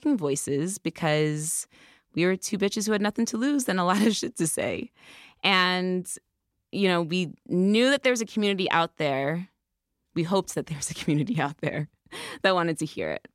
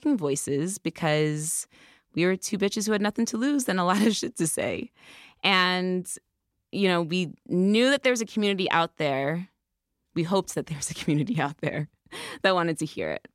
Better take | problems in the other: neither | none

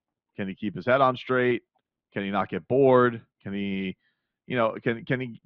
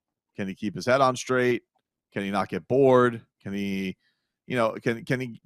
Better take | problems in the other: second | muffled; very; fading above 3.5 kHz

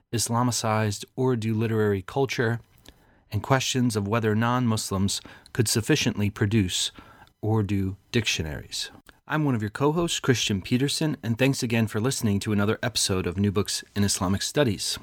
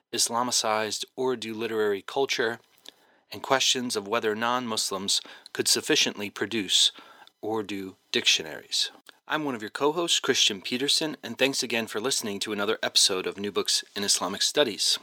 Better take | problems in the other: first | thin; somewhat; fading below 400 Hz

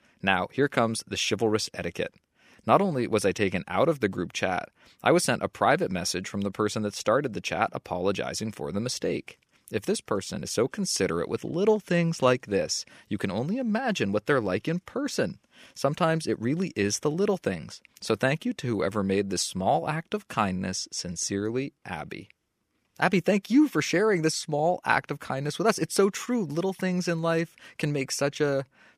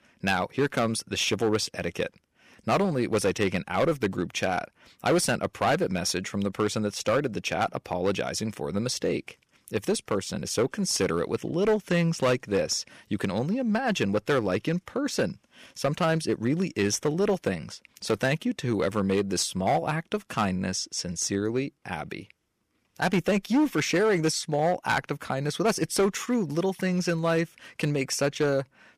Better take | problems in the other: first | distortion; slight; 5% of the sound clipped

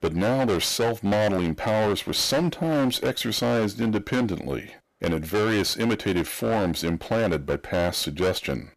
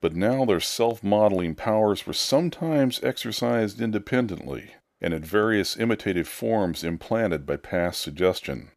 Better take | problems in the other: second | distortion; heavy; 21% of the sound clipped

